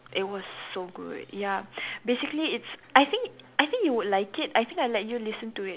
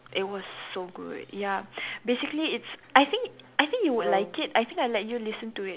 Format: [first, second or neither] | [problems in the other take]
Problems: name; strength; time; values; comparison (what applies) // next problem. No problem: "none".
first | background sound (Brass instrument); 8 dB below the speech